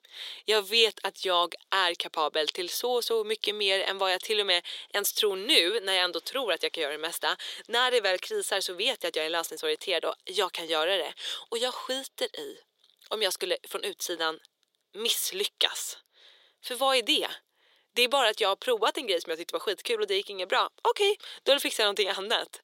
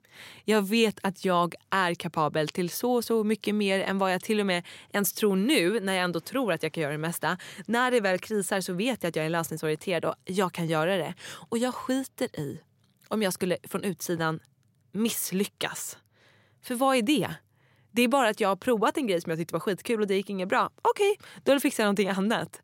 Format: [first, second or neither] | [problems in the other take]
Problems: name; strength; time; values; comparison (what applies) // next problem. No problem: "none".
second | thin; very; fading below 400 Hz